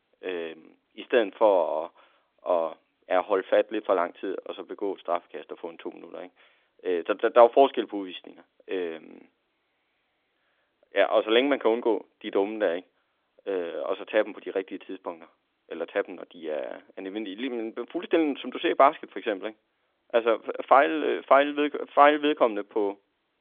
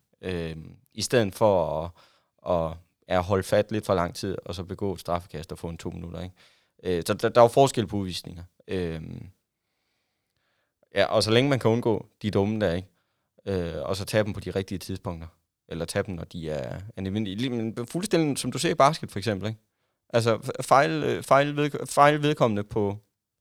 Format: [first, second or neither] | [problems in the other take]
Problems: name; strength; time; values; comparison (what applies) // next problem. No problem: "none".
second | phone-call audio; nothing above 3.5 kHz